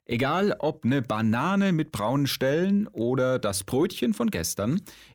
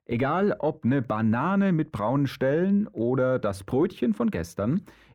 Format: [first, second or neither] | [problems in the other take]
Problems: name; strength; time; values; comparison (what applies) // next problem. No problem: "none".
first | muffled; slightly; fading above 3 kHz